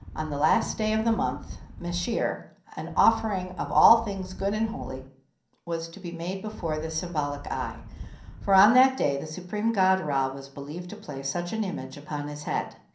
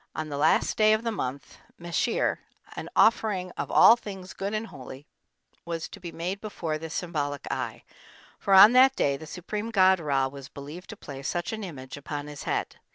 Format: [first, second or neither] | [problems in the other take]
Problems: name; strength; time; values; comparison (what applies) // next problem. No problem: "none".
second | background sound (Wind); 13 dB below the speech // room echo; dies away in 0.6 s